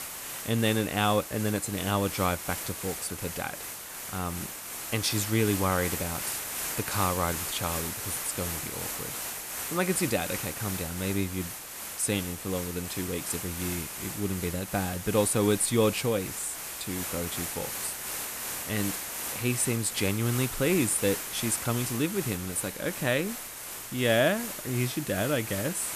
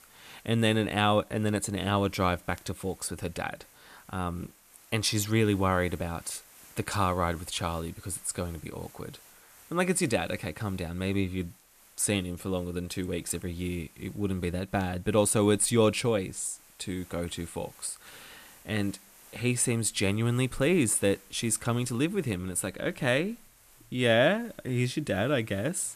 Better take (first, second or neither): second